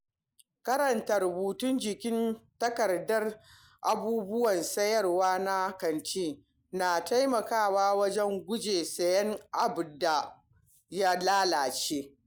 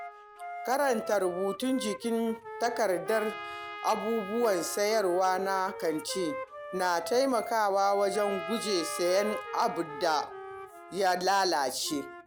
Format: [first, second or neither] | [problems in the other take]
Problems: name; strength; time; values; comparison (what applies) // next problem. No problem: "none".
first | background sound (Trumpet + Wind instrument, woodwind instrument); 11 dB below the speech